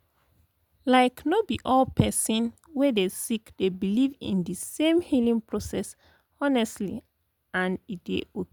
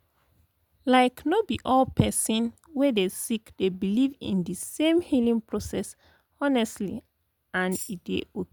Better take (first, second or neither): first